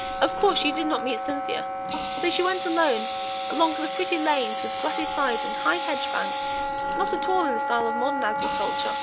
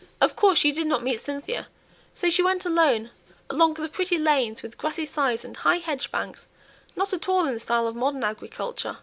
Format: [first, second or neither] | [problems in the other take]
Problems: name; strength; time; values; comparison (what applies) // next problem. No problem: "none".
second | background sound (Wind instrument, woodwind instrument + Water tap, faucet); 1 dB below the speech